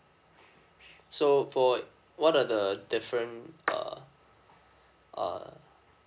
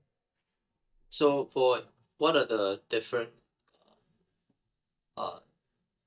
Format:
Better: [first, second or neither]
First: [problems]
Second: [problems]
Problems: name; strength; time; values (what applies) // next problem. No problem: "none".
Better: first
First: none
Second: noise reduction (neural mask model DeepFilterNet 3)